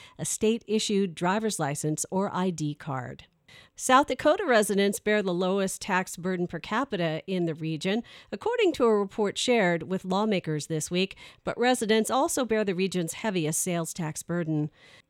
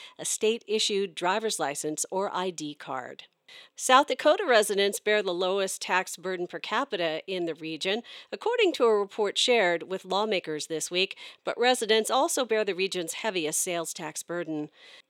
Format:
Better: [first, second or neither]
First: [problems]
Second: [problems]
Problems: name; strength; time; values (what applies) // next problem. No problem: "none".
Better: first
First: none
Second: thin; somewhat; fading below 400 Hz